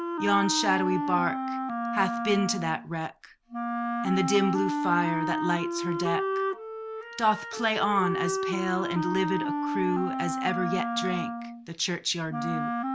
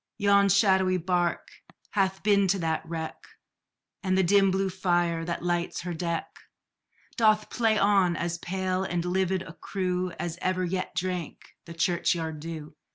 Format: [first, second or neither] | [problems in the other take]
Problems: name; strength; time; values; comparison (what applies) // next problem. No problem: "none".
second | background sound (Wind instrument, woodwind instrument); 1 dB below the speech